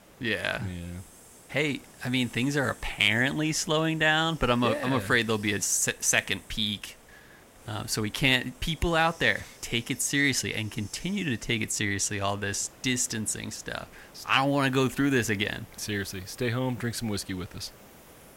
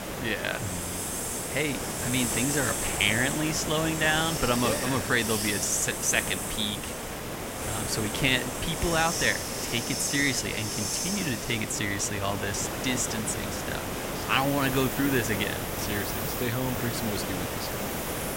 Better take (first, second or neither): first